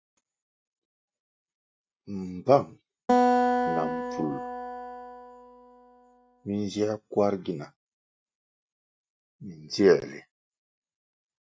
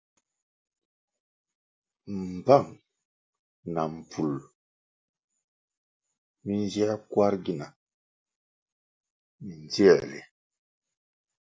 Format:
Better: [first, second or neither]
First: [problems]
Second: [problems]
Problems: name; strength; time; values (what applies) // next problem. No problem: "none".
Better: second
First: noise reduction (neural mask model RNNoise)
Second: none